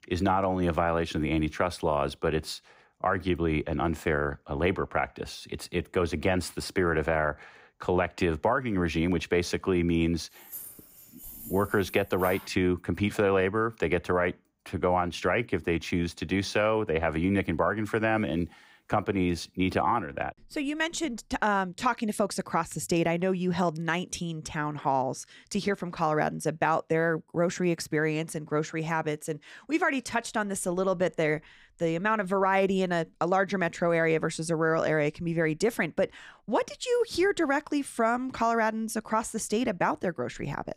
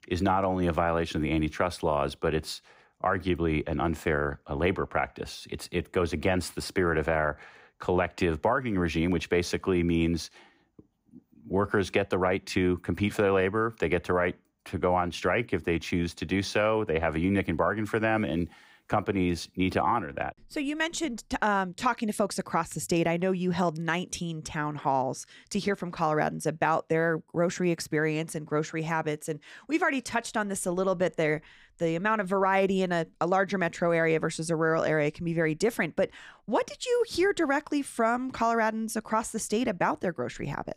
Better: second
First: jangling keys; faint; from 10 to 12 s; peak 10 dB below the speech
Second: none

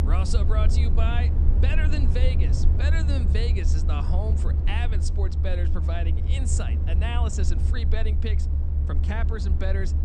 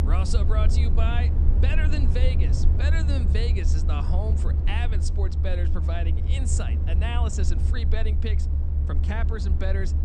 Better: neither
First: low rumble; loud; throughout; 5 dB below the speech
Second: low rumble; loud; throughout; 5 dB below the speech

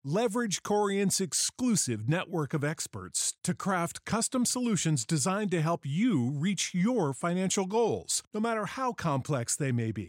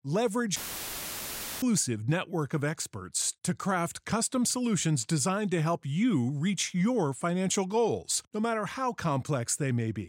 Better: first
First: none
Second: audio cutting out; filled with static; at 0.5 s for 1 s

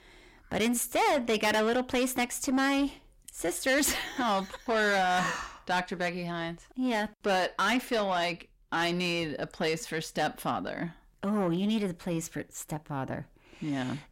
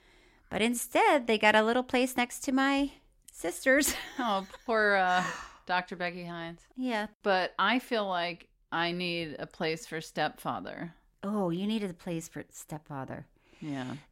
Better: second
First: distortion; heavy; 8 dB below the speech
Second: none

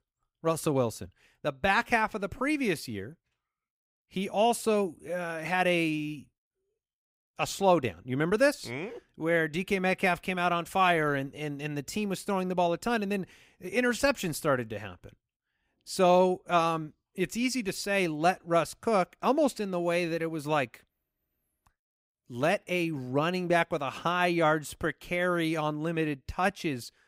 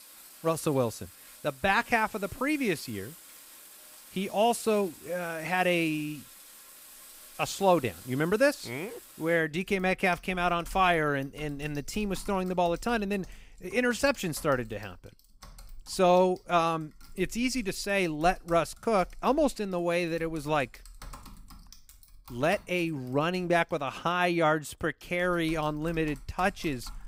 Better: first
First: none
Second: household noises; faint; throughout; 20 dB below the speech

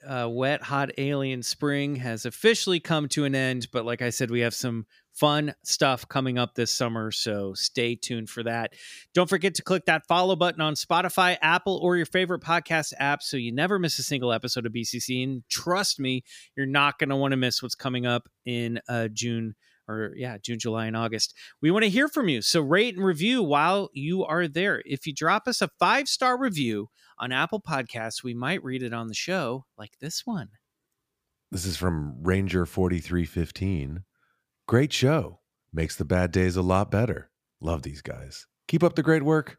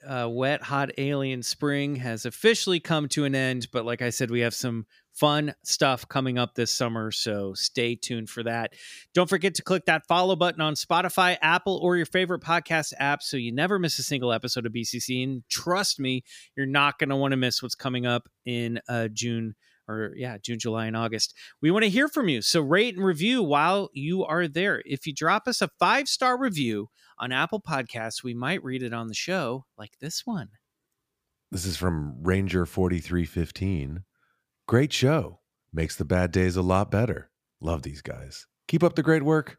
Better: neither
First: none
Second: none

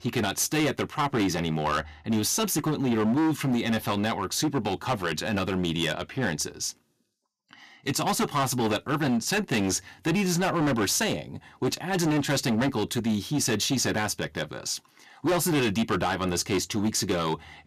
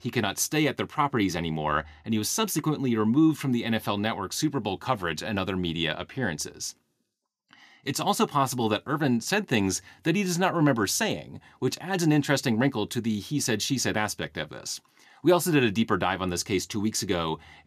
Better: second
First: distortion; heavy; 13% of the sound clipped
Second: none

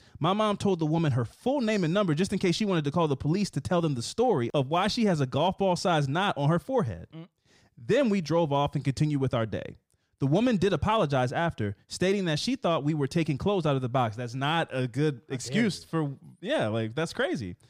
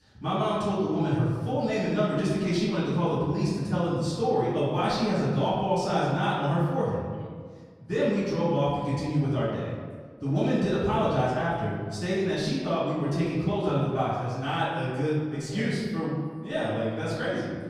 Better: first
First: none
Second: off-mic speech; far // room echo; noticeable; dies away in 1.5 s

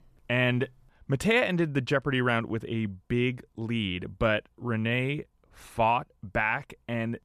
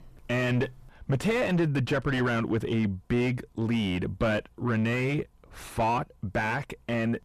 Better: first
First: none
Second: distortion; heavy; 4 dB below the speech

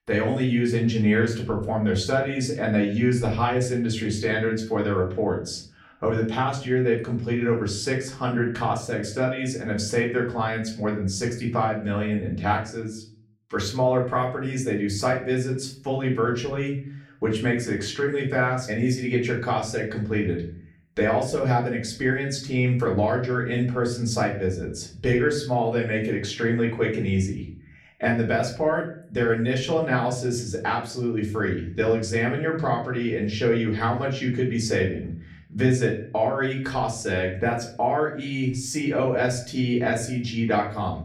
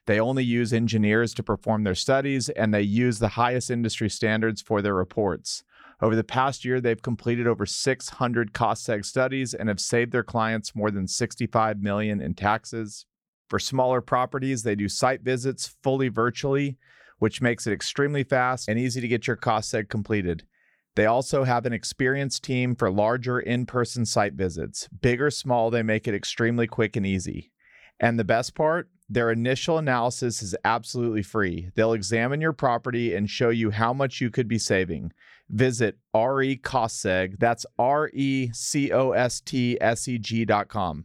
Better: second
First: room echo; slight; dies away in 0.5 s // off-mic speech; far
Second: none

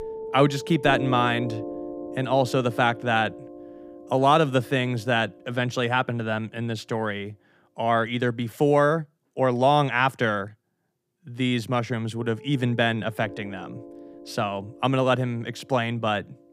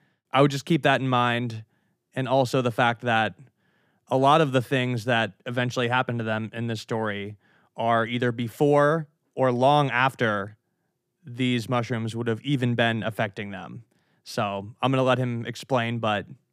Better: second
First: background music; noticeable; throughout; 15 dB below the speech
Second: none

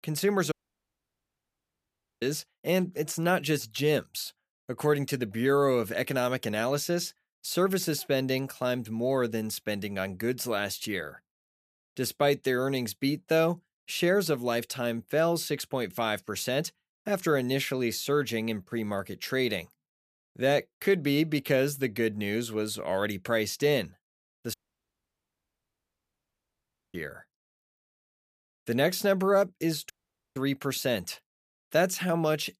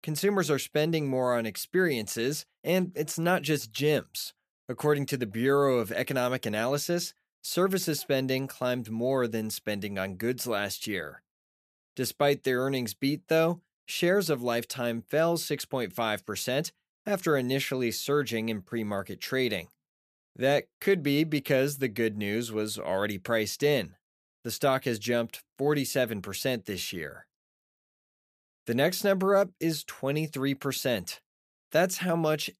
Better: second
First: audio cutting out; at 0.5 s for 1.5 s, at 25 s for 2.5 s and at 30 s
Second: none

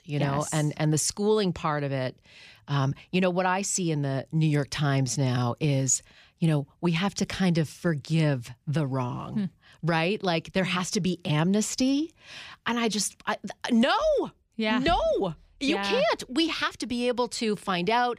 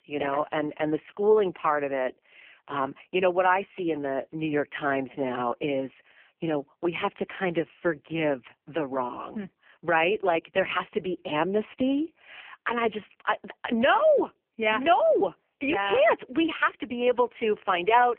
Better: first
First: none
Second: phone-call audio; poor line; nothing above 3 kHz

